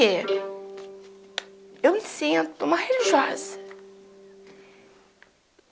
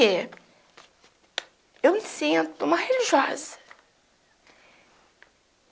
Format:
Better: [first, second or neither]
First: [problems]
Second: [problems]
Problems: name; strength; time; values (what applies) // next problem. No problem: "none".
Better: second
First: background sound (Bowed string instrument); 9 dB below the speech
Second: none